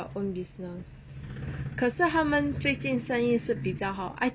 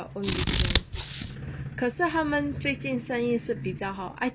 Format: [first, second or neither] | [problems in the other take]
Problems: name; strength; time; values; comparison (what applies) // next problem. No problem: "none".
first | background sound (Scissors); 2 dB above the speech